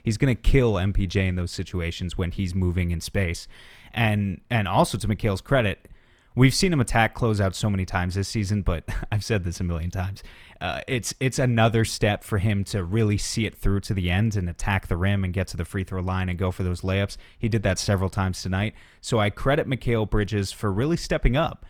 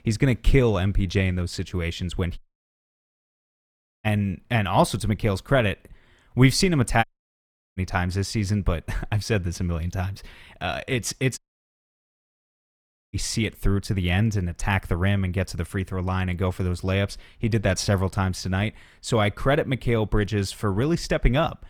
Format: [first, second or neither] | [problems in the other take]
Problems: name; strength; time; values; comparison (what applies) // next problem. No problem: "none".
first | audio cutting out; at 2.5 s for 1.5 s, at 7 s for 0.5 s and at 11 s for 2 s